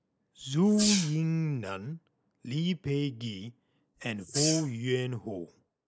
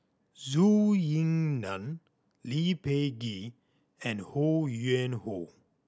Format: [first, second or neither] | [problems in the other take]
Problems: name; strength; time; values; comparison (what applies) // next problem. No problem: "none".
second | noise reduction (neural mask model Resemble Enhance denoiser)